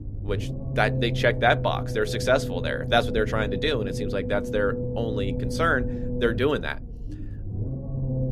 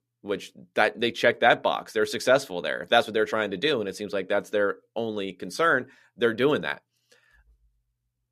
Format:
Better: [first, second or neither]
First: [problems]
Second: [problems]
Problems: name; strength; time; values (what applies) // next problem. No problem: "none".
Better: second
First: low rumble; noticeable; throughout; 10 dB below the speech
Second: none